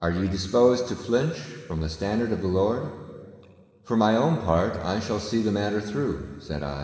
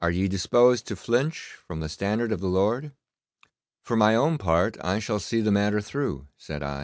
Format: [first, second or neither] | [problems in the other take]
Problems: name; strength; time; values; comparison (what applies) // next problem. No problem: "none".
second | room echo; dies away in 2.8 s